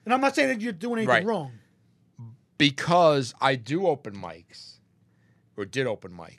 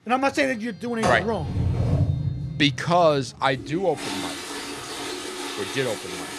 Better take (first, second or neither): first